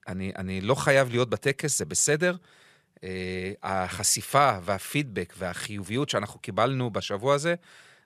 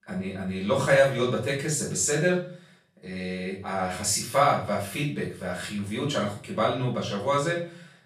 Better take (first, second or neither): first